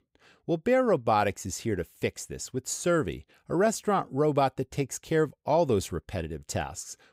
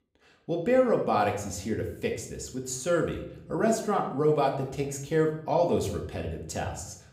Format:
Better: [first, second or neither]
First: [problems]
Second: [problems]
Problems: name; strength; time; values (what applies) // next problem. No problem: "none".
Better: first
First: none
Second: room echo; slight; dies away in 0.6 s // off-mic speech; somewhat distant